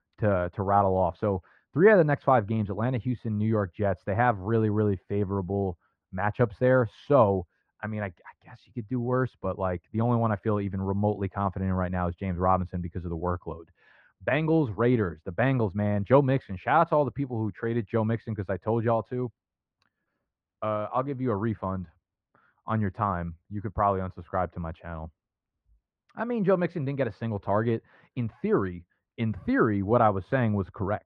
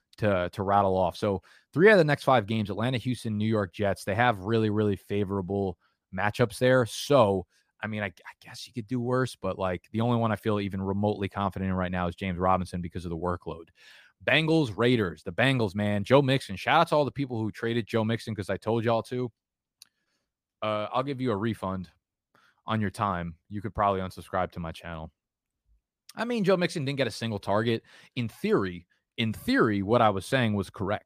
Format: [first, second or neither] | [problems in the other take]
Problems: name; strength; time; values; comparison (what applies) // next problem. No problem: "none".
second | muffled; very; fading above 1.5 kHz